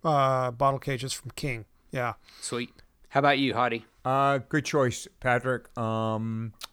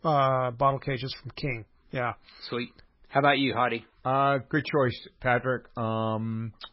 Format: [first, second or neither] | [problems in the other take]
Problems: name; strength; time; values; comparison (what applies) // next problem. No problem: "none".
first | garbled, watery; badly; nothing above 5.5 kHz